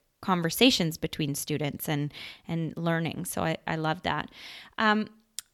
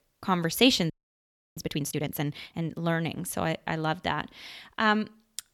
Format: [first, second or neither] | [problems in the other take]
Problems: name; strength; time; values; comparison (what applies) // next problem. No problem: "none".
first | audio freezing; at 1 s for 0.5 s